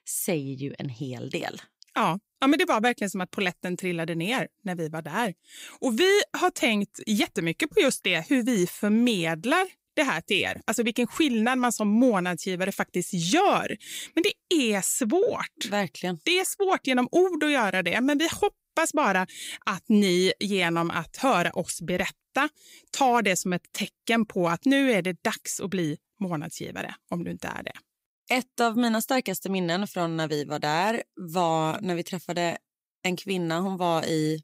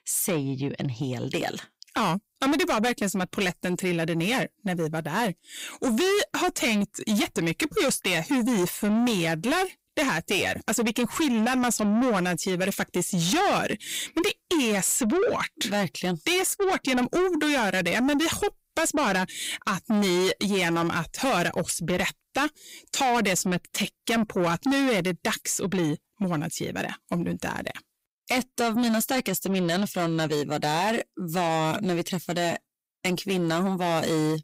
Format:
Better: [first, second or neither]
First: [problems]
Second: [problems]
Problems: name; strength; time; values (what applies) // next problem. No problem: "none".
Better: first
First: none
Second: distortion; heavy; 8 dB below the speech